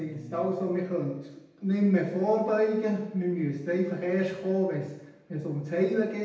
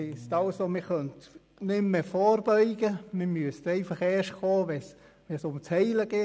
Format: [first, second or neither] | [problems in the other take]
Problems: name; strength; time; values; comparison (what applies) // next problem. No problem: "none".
second | room echo; dies away in 0.8 s